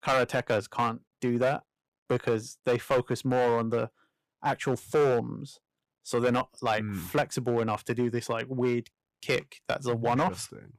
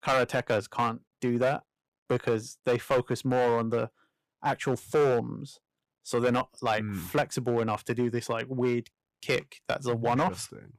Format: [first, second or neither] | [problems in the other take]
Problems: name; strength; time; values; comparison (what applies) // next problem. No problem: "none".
neither | distortion; heavy; 5% of the sound clipped; the same in both